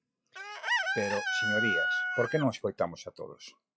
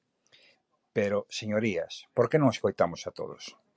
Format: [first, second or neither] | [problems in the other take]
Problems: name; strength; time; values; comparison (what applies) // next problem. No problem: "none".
second | noise reduction (classical method log-MMSE)